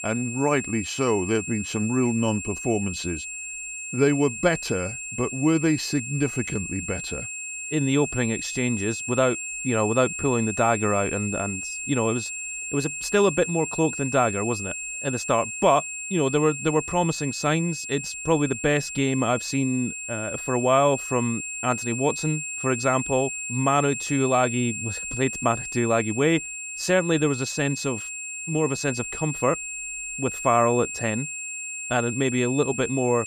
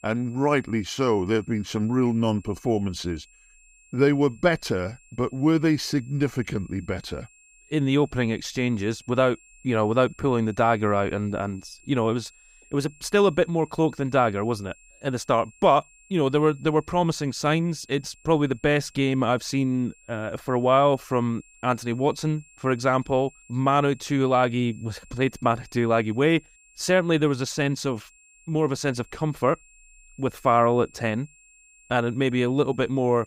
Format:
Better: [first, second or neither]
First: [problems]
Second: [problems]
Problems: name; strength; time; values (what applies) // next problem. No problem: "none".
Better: second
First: high-pitched whine; loud; throughout; 2.5 kHz, 6 dB below the speech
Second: high-pitched whine; faint; throughout; 2.5 kHz, 30 dB below the speech